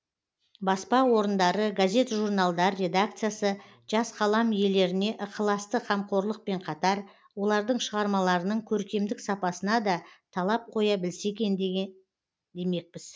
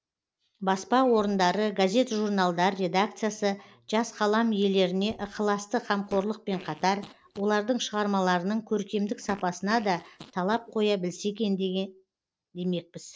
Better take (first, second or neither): first